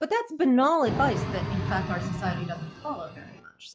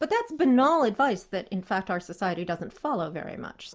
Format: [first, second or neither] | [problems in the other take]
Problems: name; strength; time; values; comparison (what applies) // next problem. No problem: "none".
second | noise reduction (classical method log-MMSE)